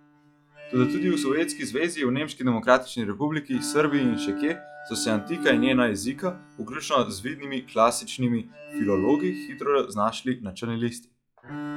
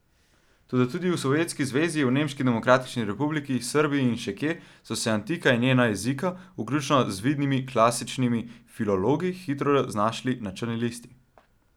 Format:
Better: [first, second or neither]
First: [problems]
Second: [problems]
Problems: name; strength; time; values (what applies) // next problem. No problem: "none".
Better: second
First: noise reduction (classical method log-MMSE)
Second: none